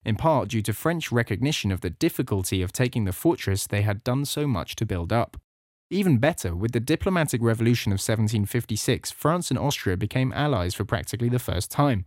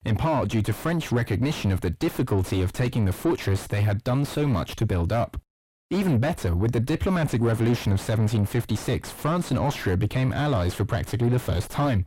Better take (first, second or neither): first